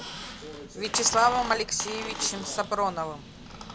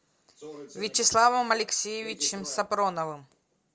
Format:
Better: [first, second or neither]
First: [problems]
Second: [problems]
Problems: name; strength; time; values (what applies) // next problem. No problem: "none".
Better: second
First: background sound (Squeak); 10 dB below the speech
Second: none